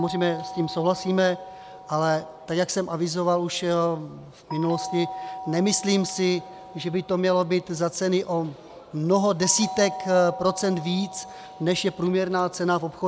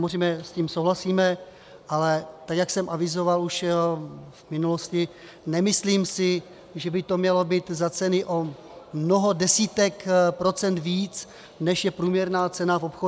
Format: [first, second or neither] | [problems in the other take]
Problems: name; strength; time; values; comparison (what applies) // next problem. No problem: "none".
second | background sound (Doorbell); 14 dB below the speech